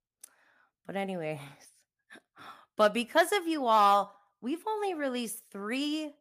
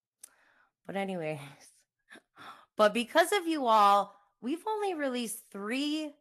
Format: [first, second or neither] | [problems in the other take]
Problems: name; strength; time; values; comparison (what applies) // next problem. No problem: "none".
first | garbled, watery; slightly; nothing above 12.5 kHz